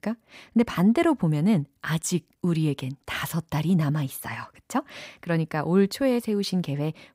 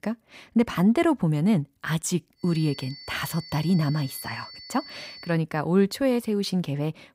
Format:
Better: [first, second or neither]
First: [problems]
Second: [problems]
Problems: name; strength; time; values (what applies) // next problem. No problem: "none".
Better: first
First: none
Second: high-pitched whine; noticeable; from 2.5 to 5.5 s; 4.5 kHz, 15 dB below the speech